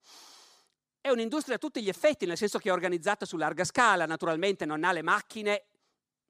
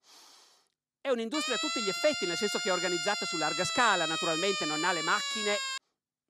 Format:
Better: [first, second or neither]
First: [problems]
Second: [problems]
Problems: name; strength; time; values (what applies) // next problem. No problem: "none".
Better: first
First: none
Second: siren; loud; from 1.5 to 6 s; peak 1 dB above the speech